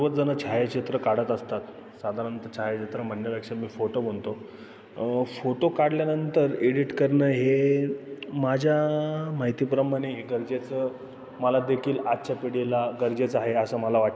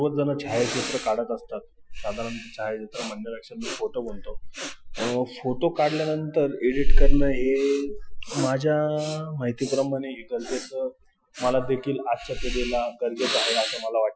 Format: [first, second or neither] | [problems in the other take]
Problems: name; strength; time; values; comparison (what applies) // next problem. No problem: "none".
first | noise reduction (classical method Wiener filter)